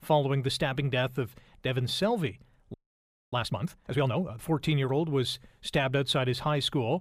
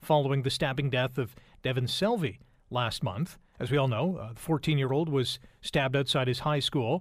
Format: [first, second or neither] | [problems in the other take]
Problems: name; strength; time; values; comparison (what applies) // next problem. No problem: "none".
second | audio freezing; at 2.5 s for 0.5 s